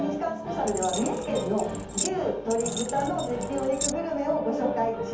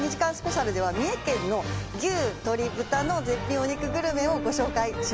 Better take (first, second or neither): second